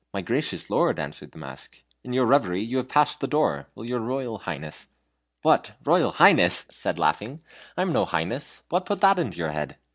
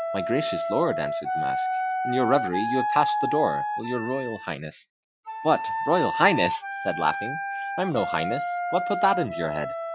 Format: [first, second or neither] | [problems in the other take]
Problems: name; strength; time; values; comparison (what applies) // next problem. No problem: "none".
first | noise reduction (classical method Wiener filter)